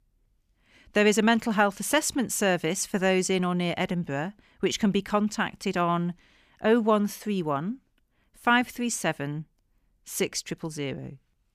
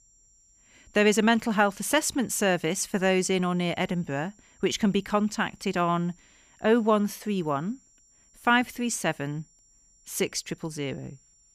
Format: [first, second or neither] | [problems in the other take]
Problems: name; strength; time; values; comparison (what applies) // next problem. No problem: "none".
first | high-pitched whine; faint; throughout; 7.5 kHz, 30 dB below the speech